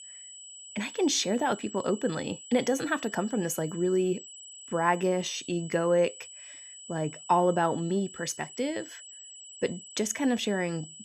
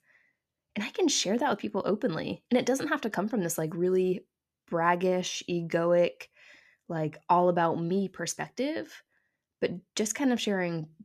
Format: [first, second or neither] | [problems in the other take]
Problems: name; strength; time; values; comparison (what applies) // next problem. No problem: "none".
second | high-pitched whine; noticeable; throughout; 8 kHz, 15 dB below the speech